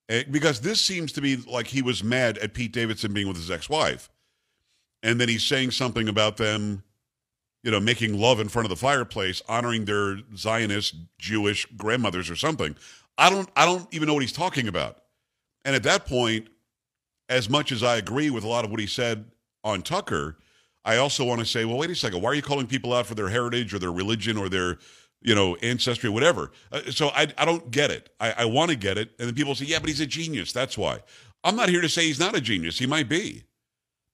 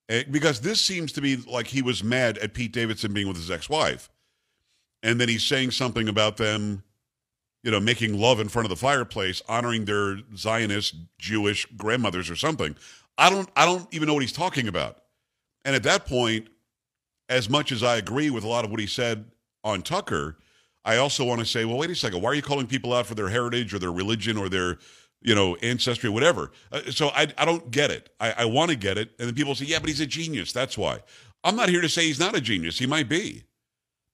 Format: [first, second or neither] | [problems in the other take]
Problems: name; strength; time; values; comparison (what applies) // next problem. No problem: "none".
neither | none